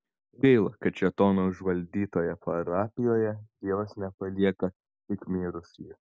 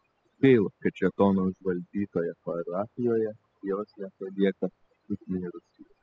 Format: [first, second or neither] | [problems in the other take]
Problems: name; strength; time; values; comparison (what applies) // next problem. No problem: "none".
first | noise reduction (classical method spectral subtraction)